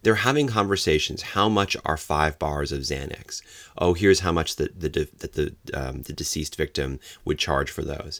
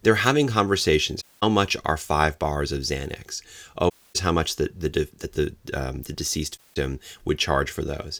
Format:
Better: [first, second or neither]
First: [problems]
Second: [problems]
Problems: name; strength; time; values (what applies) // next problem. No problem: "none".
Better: first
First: none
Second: audio cutting out; at 1 s, at 4 s and at 6.5 s